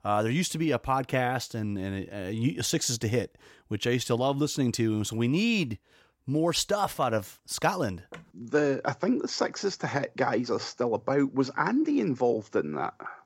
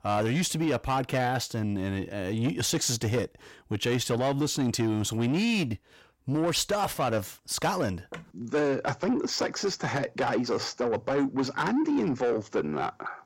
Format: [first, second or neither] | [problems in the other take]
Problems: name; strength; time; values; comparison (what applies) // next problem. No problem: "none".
first | distortion; slight; 10 dB below the speech